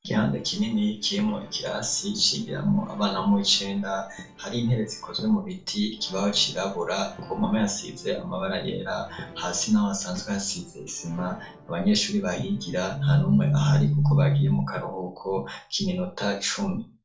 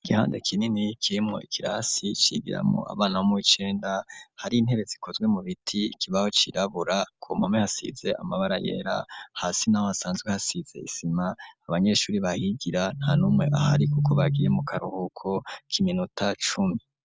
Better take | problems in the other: second | noise reduction (neural separator model SepFormer DNS4)

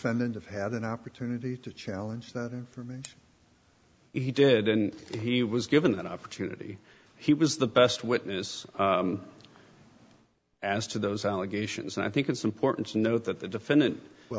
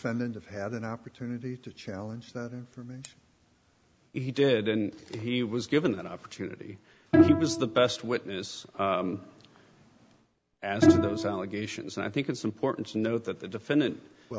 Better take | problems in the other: first | background sound (Bowed string instrument); 3 dB above the speech

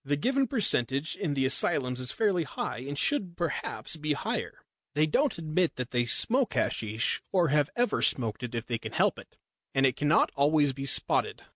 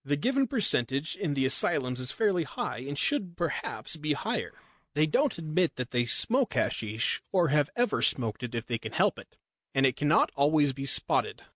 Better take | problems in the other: first | noise reduction (neural mask model Resemble Enhance denoiser)

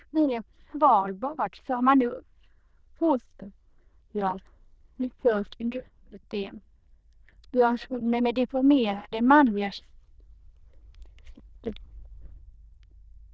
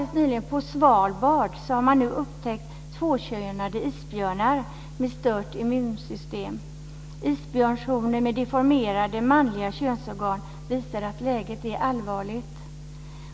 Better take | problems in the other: second | noise reduction (neural diffusion model UNIVERSE++)

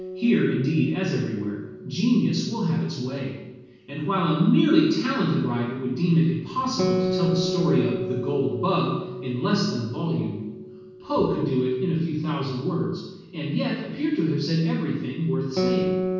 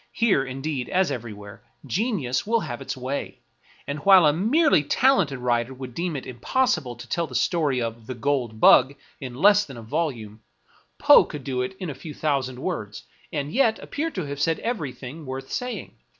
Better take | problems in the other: second | background sound (Guitar); 8 dB below the speech // room echo; dies away in 1.2 s

